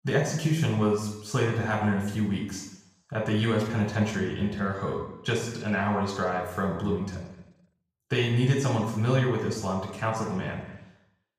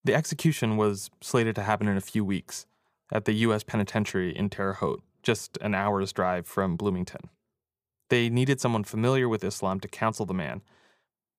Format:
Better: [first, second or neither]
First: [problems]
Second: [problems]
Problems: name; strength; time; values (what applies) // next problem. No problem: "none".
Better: second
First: room echo; noticeable; dies away in 0.9 s // off-mic speech; far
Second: none